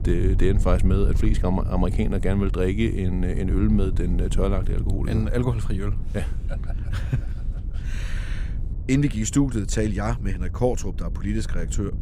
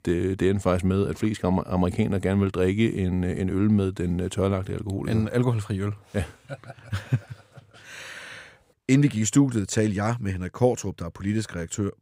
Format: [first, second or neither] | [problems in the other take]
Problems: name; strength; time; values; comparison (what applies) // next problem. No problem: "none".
second | wind noise on the microphone; occasional gusts; 15 dB below the speech